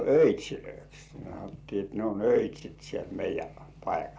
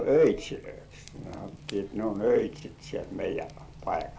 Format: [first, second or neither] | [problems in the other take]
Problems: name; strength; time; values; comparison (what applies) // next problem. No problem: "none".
first | background sound (Fire / Rain); 20 dB below the speech